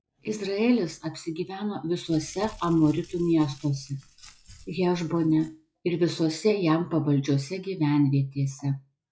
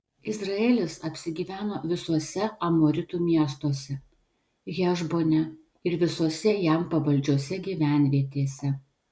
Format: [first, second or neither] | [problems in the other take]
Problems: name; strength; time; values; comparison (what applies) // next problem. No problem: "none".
second | noise reduction (classical method log-MMSE)